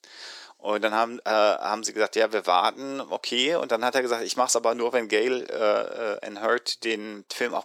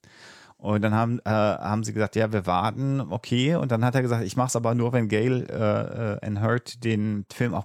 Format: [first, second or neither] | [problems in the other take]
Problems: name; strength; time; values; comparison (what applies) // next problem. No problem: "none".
second | thin; very; fading below 350 Hz